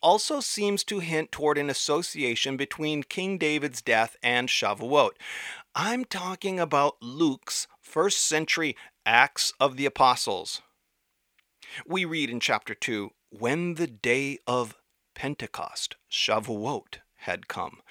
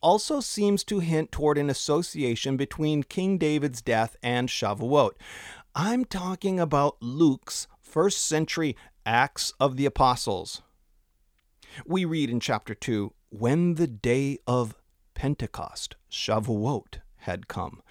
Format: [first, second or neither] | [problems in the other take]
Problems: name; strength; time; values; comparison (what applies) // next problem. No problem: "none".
second | thin; very slightly; fading below 1 kHz